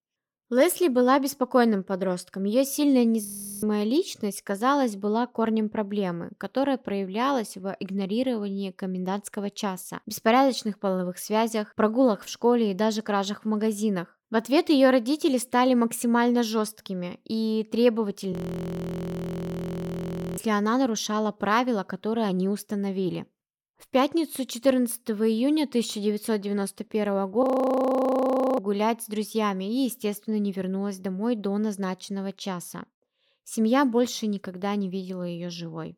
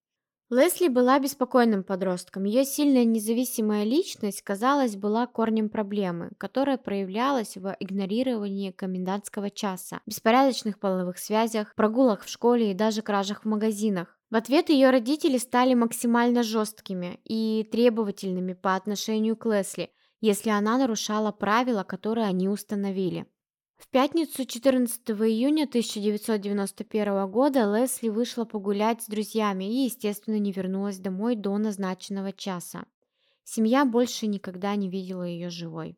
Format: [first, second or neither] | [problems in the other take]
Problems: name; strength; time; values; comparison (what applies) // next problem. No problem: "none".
second | audio freezing; at 3.5 s, at 18 s for 2 s and at 27 s for 1 s